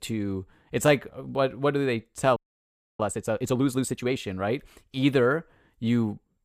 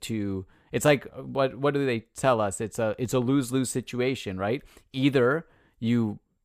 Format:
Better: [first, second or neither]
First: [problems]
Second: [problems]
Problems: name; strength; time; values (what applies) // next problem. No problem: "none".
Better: second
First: audio freezing; at 2.5 s for 0.5 s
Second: none